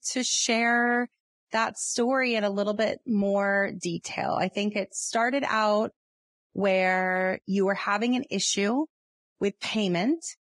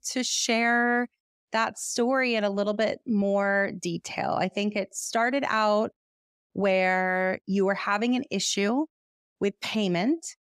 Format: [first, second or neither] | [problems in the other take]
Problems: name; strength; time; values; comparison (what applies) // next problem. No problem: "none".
second | garbled, watery; badly; nothing above 10 kHz